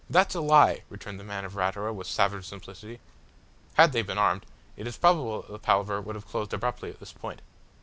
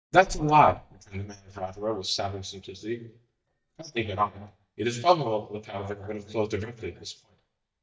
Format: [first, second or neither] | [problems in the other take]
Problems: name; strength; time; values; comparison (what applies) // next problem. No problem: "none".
first | noise reduction (neural mask model DeepFilterNet 3)